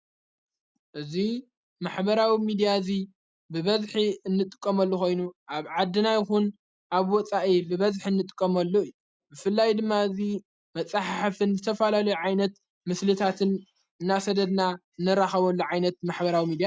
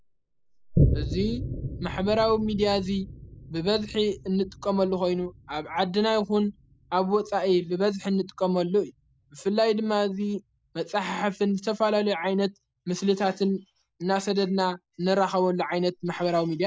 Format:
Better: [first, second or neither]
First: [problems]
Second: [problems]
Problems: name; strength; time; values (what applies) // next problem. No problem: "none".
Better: first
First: none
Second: background sound (Boom); 9 dB below the speech